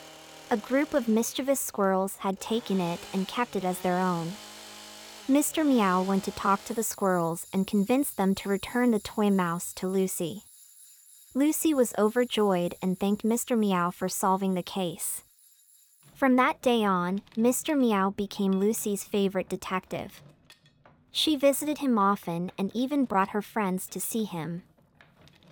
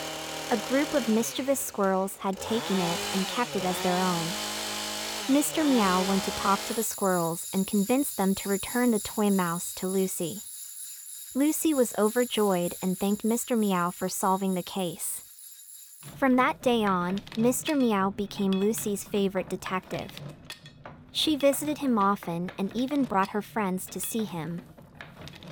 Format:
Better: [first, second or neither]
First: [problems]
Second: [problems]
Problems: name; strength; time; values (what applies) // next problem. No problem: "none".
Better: first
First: machinery noise; faint; throughout; 20 dB below the speech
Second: machinery noise; loud; throughout; 8 dB below the speech